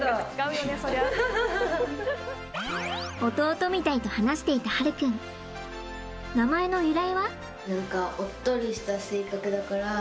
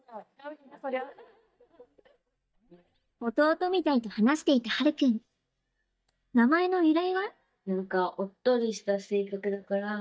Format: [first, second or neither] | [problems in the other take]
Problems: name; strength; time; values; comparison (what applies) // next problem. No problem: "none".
first | noise reduction (neural mask model DeepFilterNet 3)